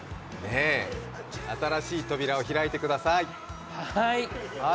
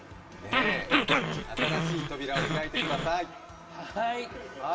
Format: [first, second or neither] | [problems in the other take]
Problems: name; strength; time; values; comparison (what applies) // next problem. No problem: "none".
first | background sound (Growling); 4 dB above the speech // room echo; dies away in 1.4 s